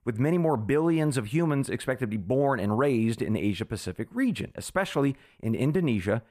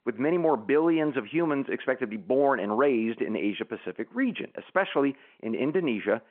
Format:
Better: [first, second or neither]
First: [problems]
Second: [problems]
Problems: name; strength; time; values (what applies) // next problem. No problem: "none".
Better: first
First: none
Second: phone-call audio